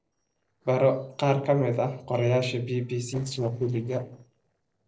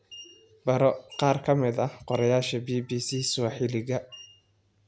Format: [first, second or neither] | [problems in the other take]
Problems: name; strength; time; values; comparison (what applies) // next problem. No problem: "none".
second | noise reduction (neural separator model SepFormer DNS4)